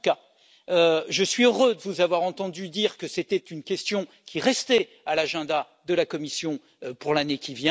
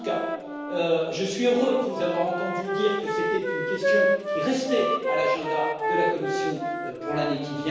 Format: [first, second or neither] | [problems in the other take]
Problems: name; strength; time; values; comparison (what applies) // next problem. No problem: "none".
first | background sound (Wind instrument, woodwind instrument); as loud as the speech // room echo; dies away in 1.2 s